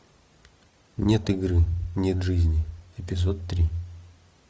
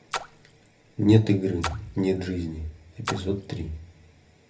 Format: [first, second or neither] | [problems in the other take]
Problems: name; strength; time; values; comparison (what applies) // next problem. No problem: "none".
first | background sound (Splash, splatter); 13 dB below the speech // room echo; dies away in 0.3 s